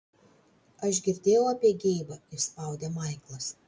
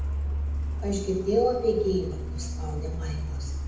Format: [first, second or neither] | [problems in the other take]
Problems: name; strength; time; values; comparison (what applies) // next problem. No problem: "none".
first | background sound (Truck); 2 dB below the speech // room echo; dies away in 0.8 s